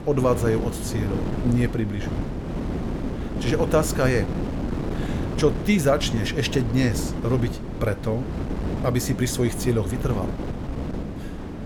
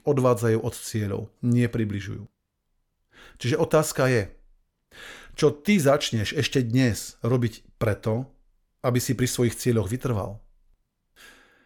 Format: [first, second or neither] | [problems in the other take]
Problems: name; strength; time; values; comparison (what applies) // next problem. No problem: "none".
second | wind noise on the microphone; heavy; 8 dB below the speech